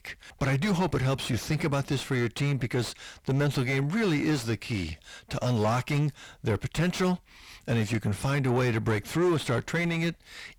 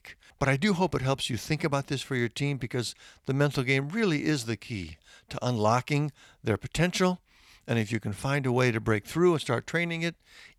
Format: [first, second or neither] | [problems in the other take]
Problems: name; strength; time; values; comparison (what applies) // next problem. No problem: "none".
second | distortion; heavy; 7 dB below the speech